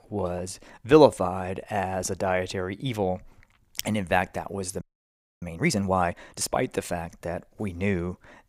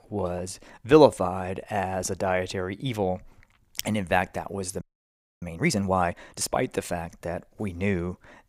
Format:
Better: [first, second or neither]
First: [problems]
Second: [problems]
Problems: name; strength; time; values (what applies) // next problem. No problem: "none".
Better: neither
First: audio freezing; at 5 s for 0.5 s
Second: audio freezing; at 5 s for 0.5 s